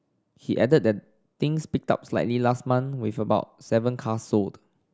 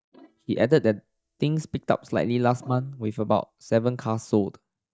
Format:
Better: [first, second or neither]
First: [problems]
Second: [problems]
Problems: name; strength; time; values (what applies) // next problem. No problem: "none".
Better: first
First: none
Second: noise reduction (neural mask model DeepFilterNet 3)